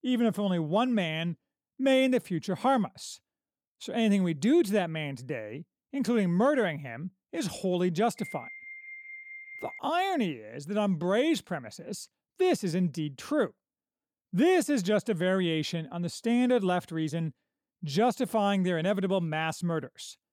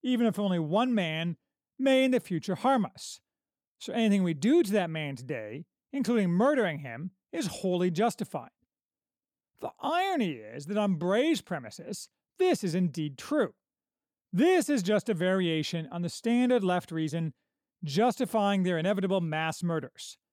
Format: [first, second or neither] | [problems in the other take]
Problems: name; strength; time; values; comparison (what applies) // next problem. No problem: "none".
second | alarm; faint; from 8 to 10 s; peak 15 dB below the speech